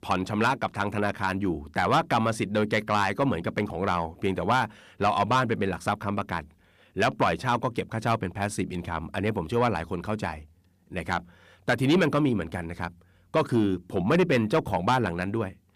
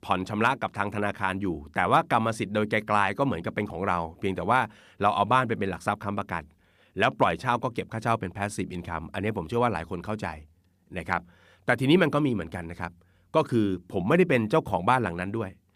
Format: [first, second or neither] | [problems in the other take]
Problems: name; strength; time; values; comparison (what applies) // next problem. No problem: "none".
second | distortion; slight; 10 dB below the speech